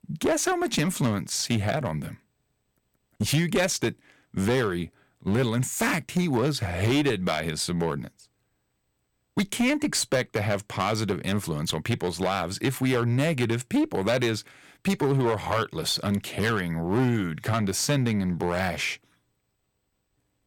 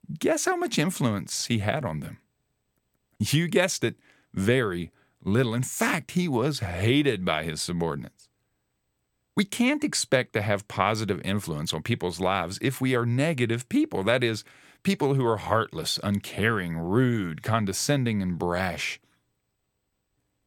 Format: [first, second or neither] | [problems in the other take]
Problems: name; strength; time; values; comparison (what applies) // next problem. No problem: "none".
second | distortion; slight; 8% of the sound clipped